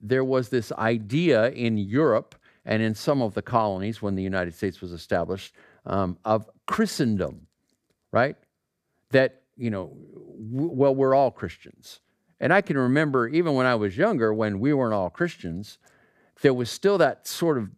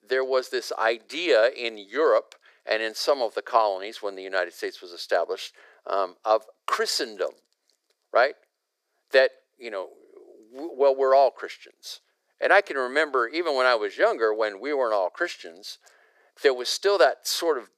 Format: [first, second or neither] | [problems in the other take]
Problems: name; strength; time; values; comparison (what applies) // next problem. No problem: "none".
first | thin; very; fading below 400 Hz